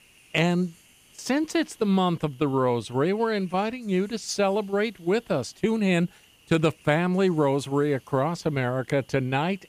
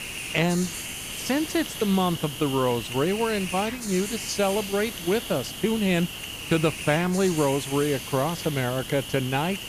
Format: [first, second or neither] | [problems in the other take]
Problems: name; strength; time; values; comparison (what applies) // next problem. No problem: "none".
first | hiss; loud; throughout; 7 dB below the speech; faint in the first